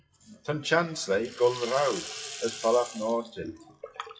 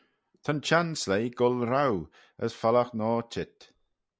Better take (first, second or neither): second